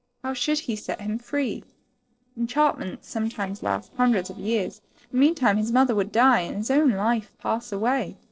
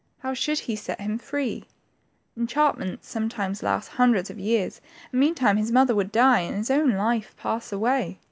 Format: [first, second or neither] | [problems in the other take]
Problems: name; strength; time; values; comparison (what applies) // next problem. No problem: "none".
second | noise reduction (neural separator model SepFormer DNS4)